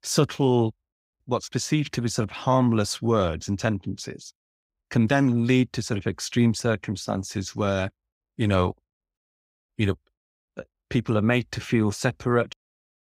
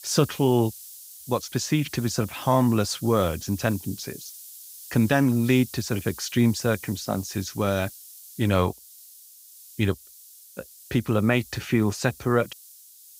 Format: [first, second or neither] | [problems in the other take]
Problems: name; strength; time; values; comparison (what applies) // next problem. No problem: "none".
first | hiss; noticeable; throughout; 15 dB below the speech